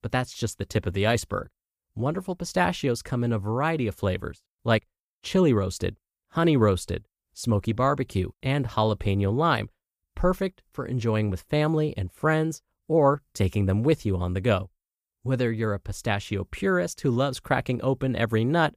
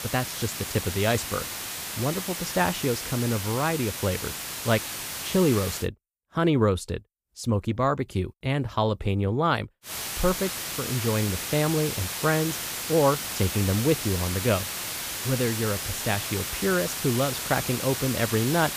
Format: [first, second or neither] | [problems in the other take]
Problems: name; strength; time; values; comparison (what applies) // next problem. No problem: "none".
first | hiss; loud; until 6 s and from 10 s on; 4 dB below the speech